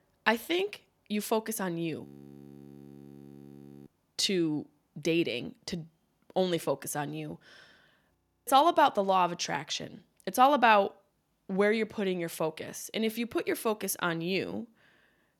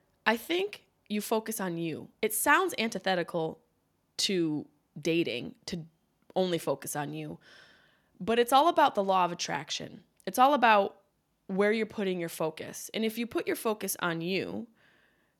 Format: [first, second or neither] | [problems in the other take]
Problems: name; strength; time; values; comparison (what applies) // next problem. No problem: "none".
second | audio freezing; at 2 s for 2 s and at 8 s